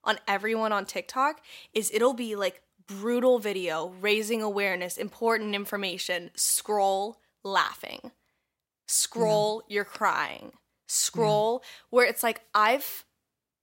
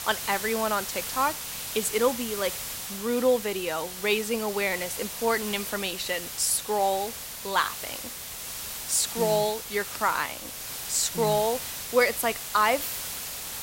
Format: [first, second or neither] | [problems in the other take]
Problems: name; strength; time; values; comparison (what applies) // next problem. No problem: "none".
first | hiss; loud; throughout; 6 dB below the speech